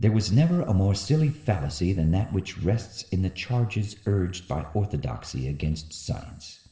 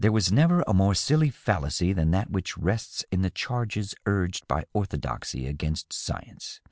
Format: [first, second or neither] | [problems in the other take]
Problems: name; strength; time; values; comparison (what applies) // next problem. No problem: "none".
second | room echo; dies away in 2.1 s